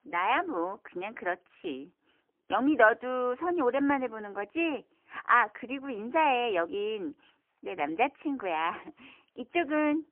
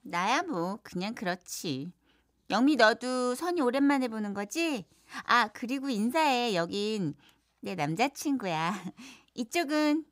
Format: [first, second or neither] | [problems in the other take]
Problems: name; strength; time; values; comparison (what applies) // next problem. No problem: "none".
second | phone-call audio; poor line; nothing above 3 kHz